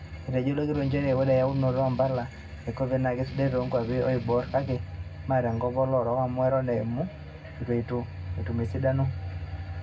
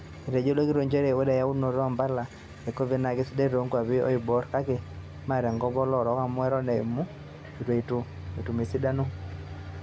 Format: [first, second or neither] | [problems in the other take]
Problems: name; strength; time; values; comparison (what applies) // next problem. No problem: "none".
second | background sound (Strum); 12 dB below the speech // room echo; dies away in 0.3 s